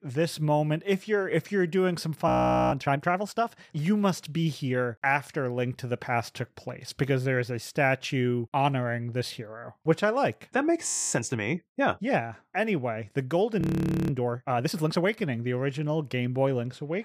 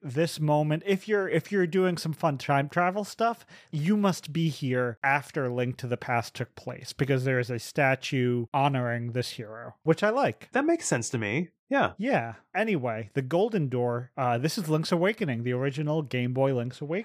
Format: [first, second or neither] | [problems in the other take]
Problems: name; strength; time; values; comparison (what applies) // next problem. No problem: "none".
second | audio freezing; at 2.5 s, at 11 s and at 14 s